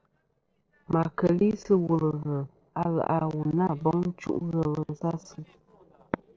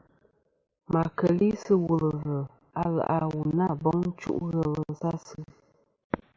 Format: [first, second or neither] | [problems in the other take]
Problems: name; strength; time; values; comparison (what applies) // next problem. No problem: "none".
second | noise reduction (neural separator model SepFormer DNS4)